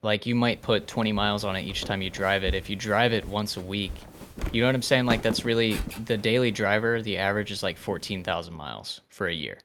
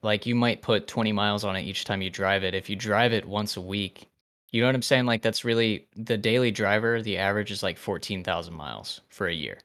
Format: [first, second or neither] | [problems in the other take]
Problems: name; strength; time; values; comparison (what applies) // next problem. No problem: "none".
second | footsteps; noticeable; from 1 to 8 s; peak 5 dB below the speech